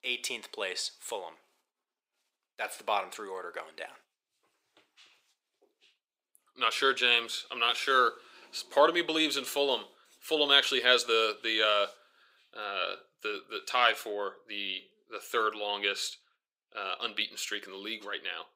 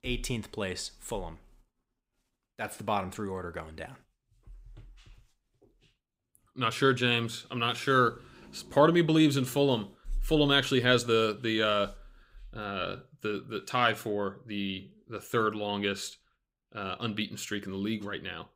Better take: second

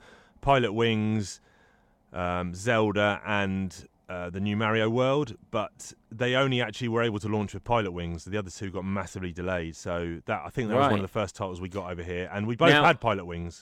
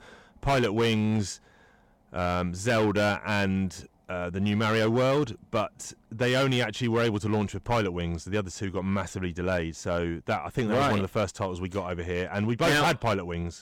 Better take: first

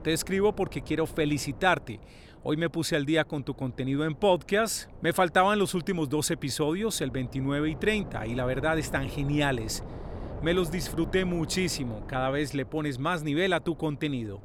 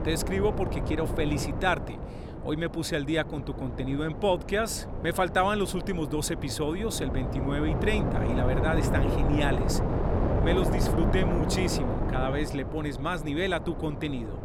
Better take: first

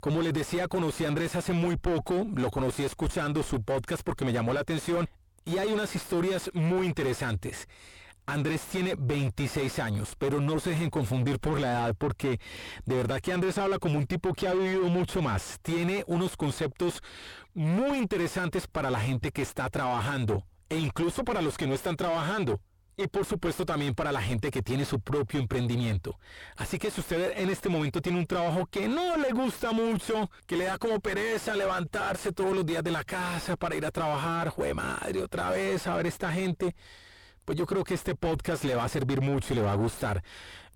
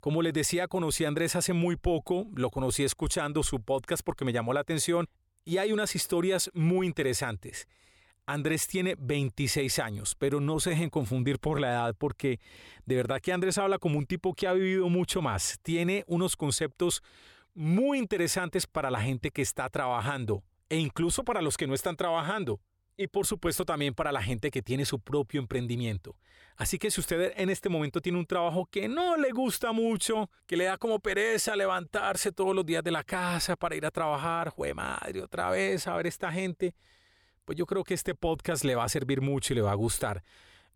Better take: second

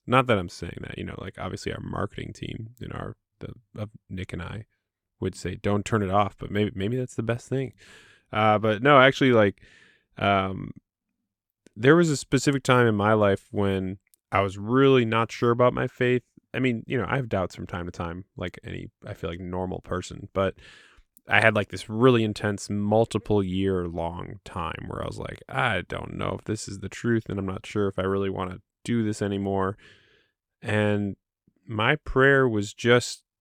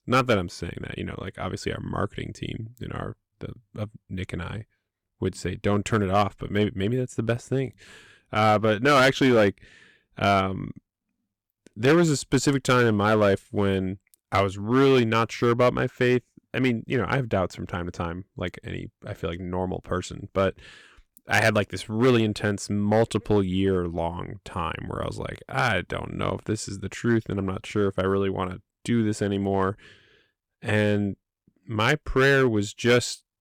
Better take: first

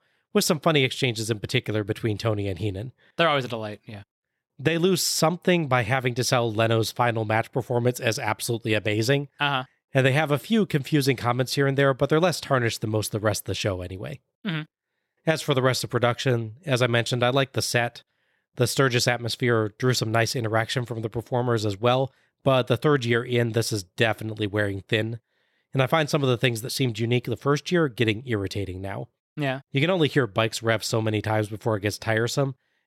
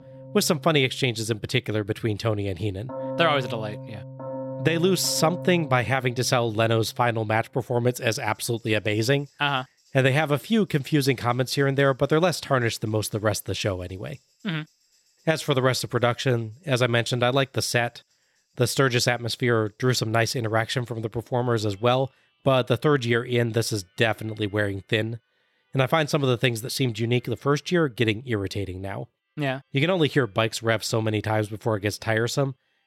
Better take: first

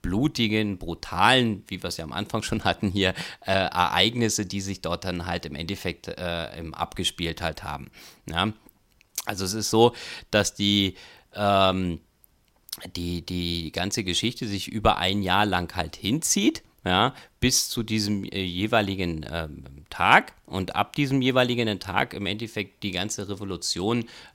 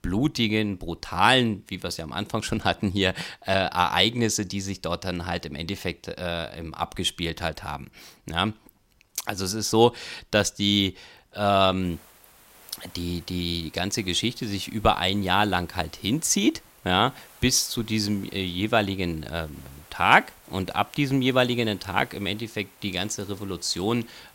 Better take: first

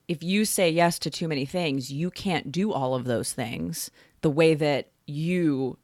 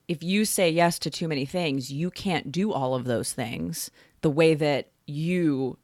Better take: neither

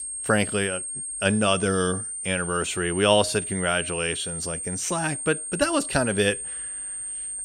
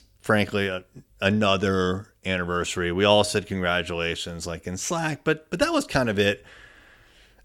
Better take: second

